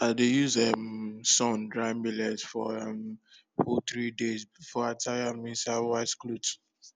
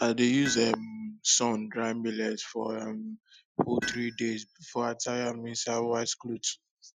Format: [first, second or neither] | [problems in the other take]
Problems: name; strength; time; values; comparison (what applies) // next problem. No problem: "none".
first | noise reduction (classical method Wiener filter)